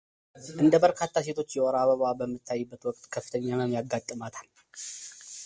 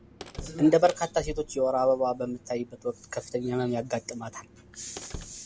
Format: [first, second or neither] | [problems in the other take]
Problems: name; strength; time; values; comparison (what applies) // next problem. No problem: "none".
first | background sound (Slam); 18 dB below the speech